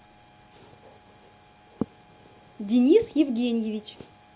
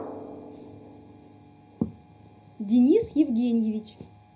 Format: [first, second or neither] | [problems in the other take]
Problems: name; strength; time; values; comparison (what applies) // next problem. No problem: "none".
first | background sound (Drum); 20 dB below the speech // room echo; dies away in 0.3 s